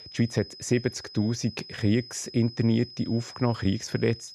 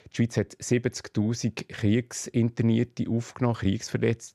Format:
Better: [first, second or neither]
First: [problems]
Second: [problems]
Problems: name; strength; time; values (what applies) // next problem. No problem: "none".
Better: second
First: high-pitched whine; noticeable; throughout; 5 kHz, 15 dB below the speech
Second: none